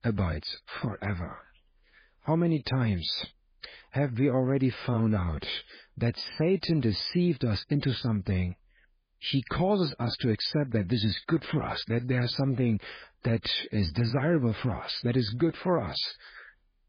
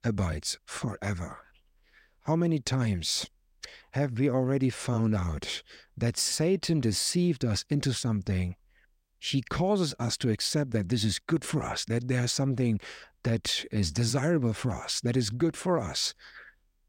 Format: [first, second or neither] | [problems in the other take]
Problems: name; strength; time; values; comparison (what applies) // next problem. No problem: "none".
second | garbled, watery; badly; nothing above 5 kHz